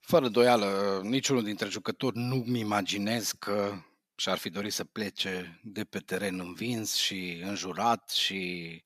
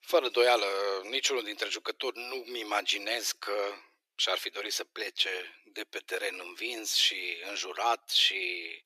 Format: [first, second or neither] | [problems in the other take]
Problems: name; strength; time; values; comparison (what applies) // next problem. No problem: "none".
first | thin; very; fading below 350 Hz